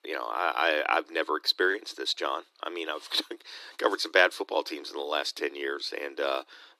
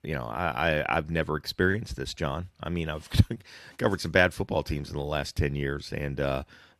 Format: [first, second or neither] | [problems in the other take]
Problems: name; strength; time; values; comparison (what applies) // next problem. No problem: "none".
second | thin; very; fading below 300 Hz